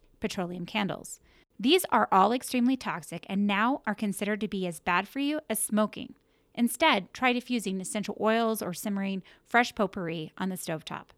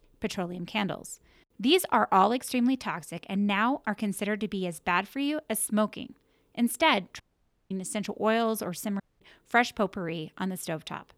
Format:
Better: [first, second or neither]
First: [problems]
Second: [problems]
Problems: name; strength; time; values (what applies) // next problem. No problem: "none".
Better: first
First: none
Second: audio cutting out; at 7 s for 0.5 s and at 9 s